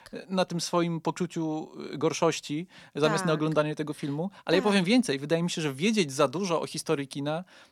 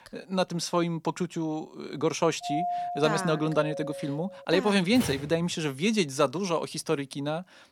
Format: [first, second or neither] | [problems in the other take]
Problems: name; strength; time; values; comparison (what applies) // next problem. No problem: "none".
first | doorbell; noticeable; from 2.5 to 4.5 s; peak 2 dB below the speech // door banging; noticeable; at 5 s; peak 8 dB below the speech